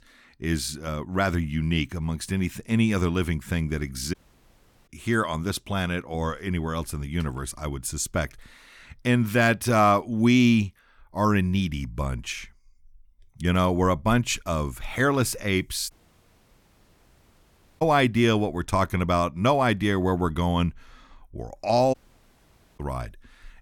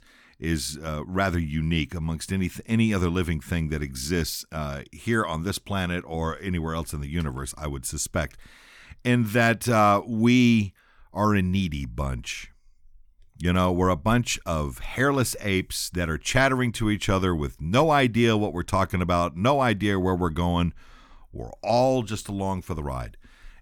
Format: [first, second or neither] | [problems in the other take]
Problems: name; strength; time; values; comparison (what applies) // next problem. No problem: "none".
second | audio cutting out; at 4 s for 0.5 s, at 16 s for 2 s and at 22 s for 1 s